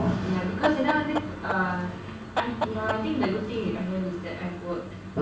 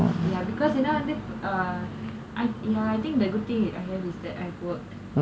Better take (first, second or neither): second